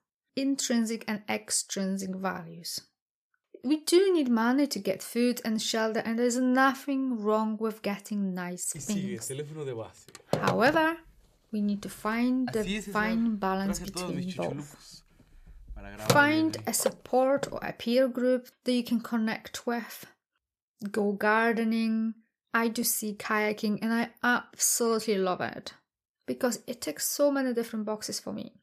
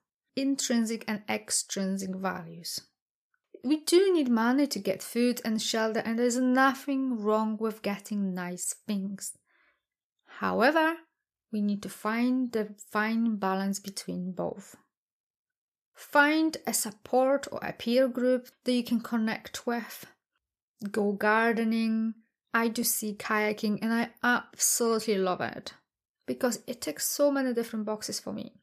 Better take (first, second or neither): second